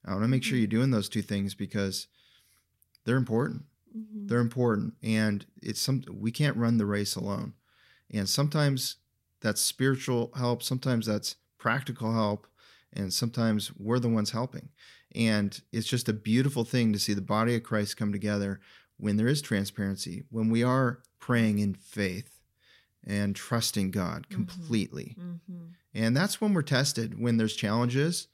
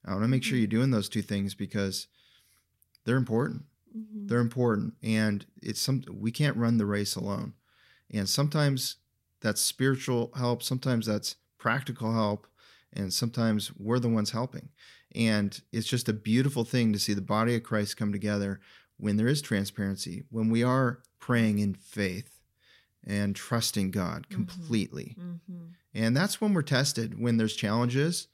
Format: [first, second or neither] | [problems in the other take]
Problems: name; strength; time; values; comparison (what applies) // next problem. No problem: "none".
neither | none